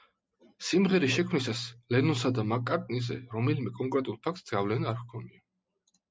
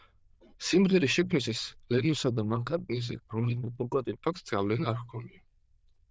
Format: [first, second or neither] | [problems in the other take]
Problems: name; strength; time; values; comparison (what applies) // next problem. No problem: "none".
first | noise reduction (neural diffusion model UNIVERSE++)